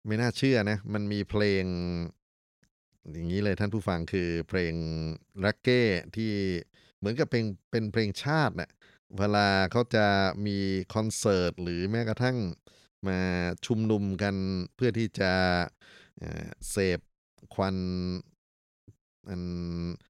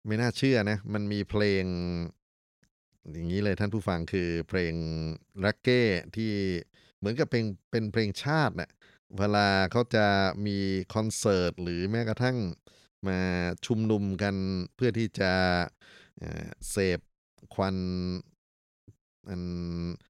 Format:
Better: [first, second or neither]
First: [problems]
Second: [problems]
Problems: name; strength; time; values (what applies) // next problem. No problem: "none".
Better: neither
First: none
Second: none